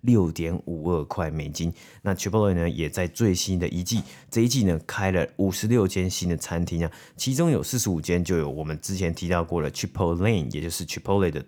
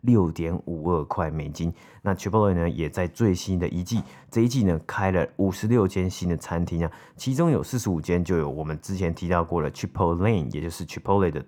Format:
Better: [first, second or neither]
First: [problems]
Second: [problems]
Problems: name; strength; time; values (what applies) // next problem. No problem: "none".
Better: first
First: none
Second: muffled; slightly; fading above 2.5 kHz